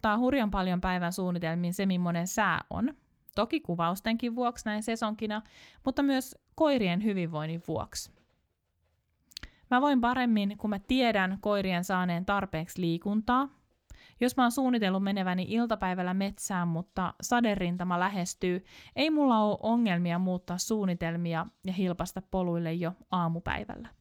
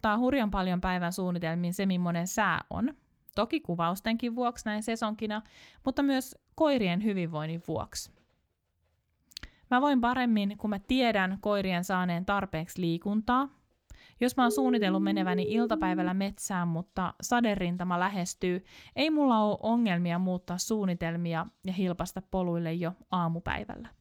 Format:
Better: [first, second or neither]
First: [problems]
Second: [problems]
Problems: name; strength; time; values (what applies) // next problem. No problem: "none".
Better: first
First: none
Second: siren; noticeable; from 14 to 16 s; peak 3 dB below the speech